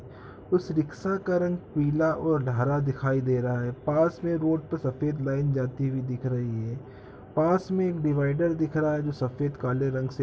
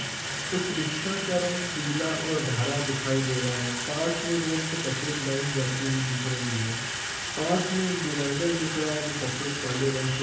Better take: first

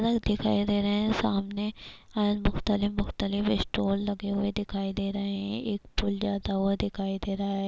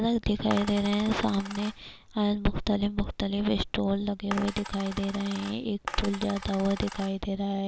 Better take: first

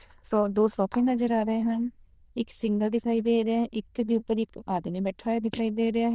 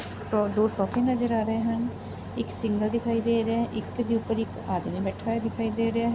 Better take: second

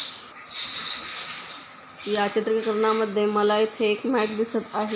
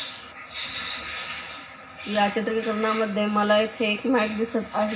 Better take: first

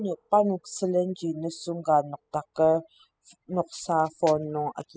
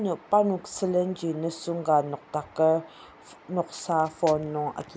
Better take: second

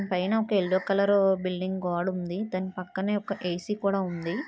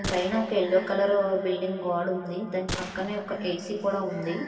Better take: first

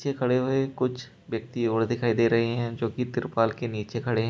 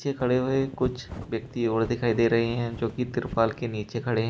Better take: first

